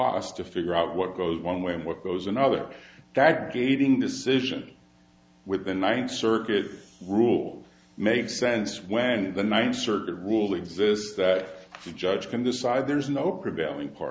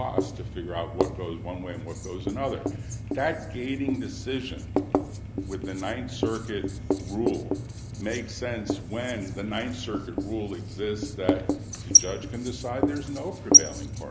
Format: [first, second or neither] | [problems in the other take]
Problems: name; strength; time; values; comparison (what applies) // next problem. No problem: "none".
first | background sound (Writing); 5 dB above the speech